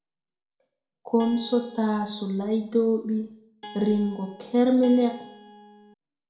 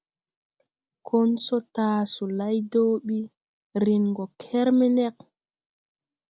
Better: second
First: background sound (Guitar); 19 dB below the speech // room echo; dies away in 0.6 s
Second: none

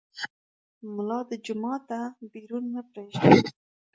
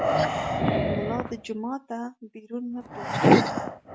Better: first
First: none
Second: background sound (Breathing); 1 dB below the speech

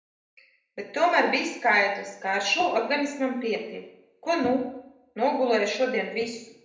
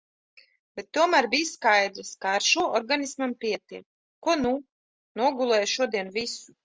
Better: second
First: room echo; dies away in 0.7 s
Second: none

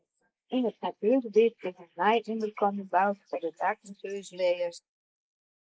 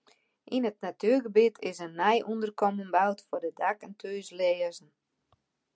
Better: second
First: noise reduction (neural mask model Resemble Enhance denoiser)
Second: none

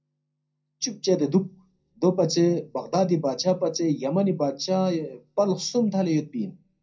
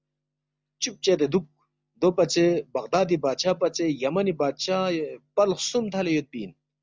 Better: second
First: room echo; dies away in 0.2 s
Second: none

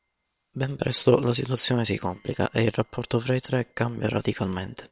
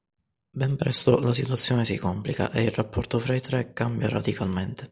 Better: second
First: noise reduction (neural separator model SepFormer WHAM!)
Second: none

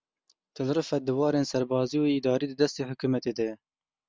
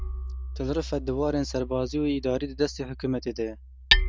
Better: first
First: none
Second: background sound (Hammer); 2 dB below the speech

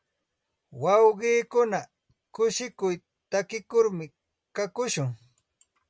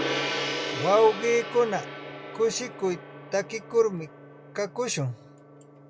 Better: first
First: none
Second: background sound (Gong); 8 dB below the speech

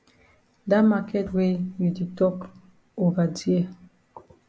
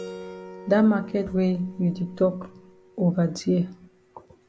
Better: first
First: none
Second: background sound (Keyboard (musical) + Guitar); 19 dB below the speech

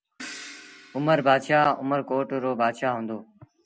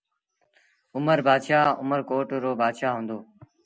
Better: second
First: background sound (Crash cymbal); 20 dB below the speech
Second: none

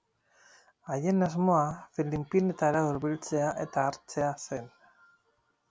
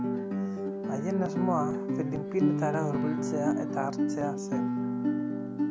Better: first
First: none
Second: background sound (Guitar); 4 dB above the speech

